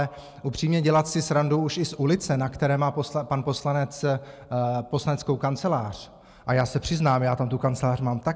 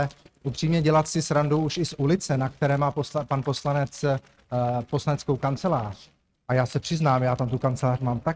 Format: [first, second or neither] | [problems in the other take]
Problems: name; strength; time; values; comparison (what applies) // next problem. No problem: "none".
first | noise reduction (neural mask model RNNoise)